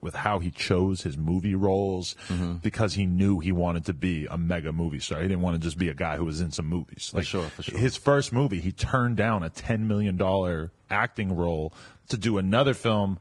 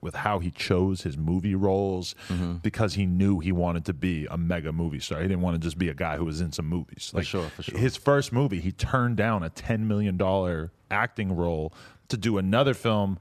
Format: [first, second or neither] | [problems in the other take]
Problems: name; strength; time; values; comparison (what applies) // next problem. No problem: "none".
second | garbled, watery; badly